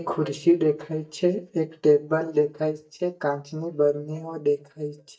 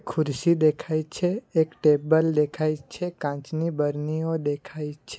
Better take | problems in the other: second | noise reduction (neural mask model DeepFilterNet 3)

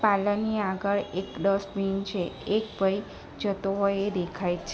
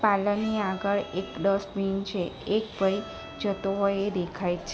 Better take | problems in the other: first | background sound (Bowed string instrument); 17 dB below the speech

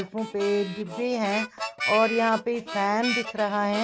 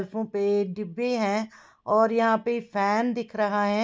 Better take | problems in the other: second | background sound (Harmonica); 8 dB below the speech

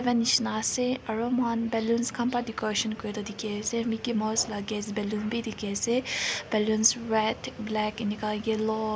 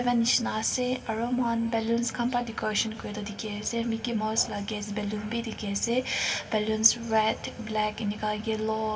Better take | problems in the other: first | room echo; dies away in 2.1 s

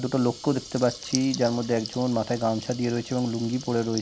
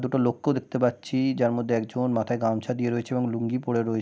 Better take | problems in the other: second | background sound (Water tap, faucet / Liquid); 14 dB below the speech

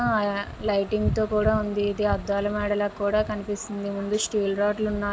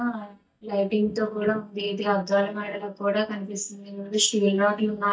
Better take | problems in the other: first | noise reduction (neural mask model DeepFilterNet 3)

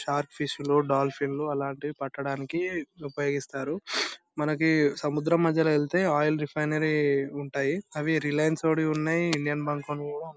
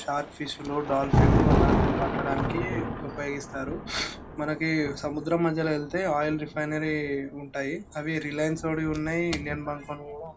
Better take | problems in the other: first | background sound (Thunder); as loud as the speech // room echo; dies away in 0.2 s

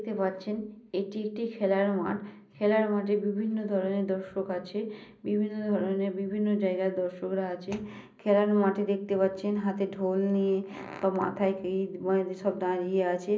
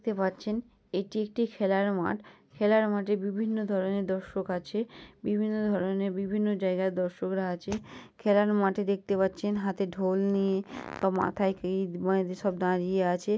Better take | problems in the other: second | room echo; dies away in 0.5 s

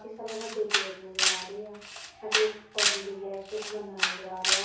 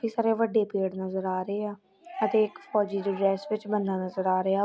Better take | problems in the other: second | background sound (Camera); 5 dB above the speech // room echo; dies away in 0.6 s

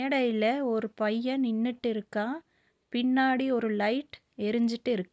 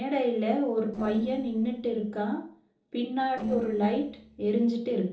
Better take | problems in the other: first | noise reduction (neural separator model SepFormer DNS4)

